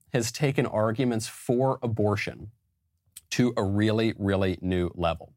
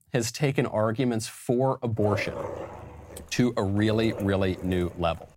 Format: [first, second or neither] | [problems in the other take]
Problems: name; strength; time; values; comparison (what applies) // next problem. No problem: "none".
first | dog barking; noticeable; from 2 s on; peak 7 dB below the speech